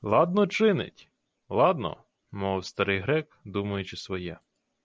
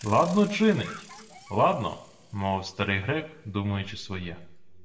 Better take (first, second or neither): first